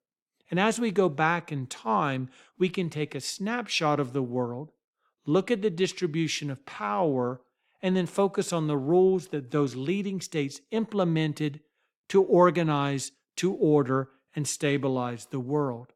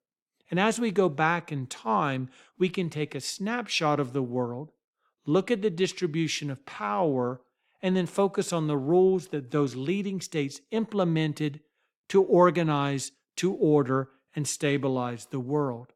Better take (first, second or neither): neither